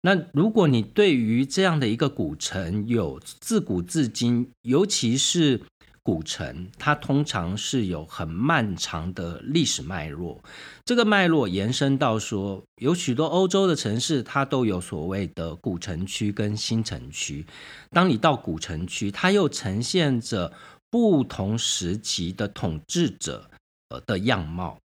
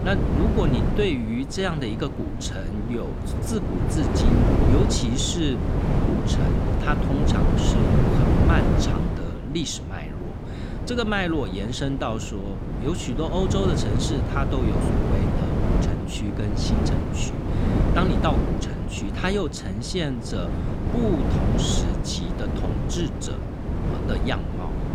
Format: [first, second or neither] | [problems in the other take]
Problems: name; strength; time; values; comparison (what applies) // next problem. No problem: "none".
first | wind noise on the microphone; heavy; 1 dB below the speech